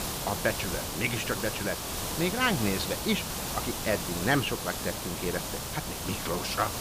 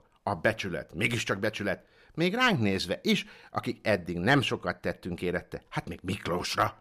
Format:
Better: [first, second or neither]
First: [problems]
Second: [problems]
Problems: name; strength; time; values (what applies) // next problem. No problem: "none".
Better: second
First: hiss; loud; throughout; 2 dB below the speech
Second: none